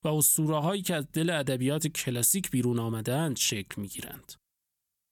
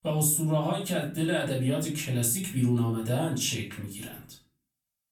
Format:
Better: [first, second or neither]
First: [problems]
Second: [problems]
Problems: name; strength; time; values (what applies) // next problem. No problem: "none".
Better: first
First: none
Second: off-mic speech; far // room echo; slight; dies away in 0.3 s